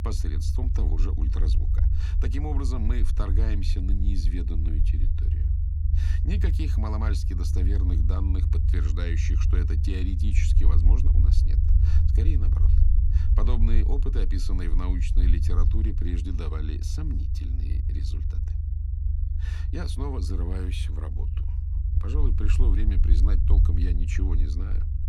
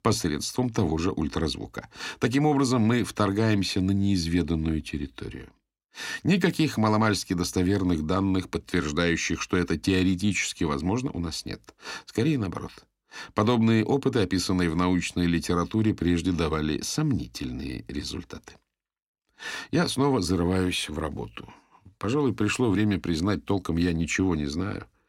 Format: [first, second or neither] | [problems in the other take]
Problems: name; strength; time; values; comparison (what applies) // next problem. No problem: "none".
second | low rumble; loud; throughout; 3 dB below the speech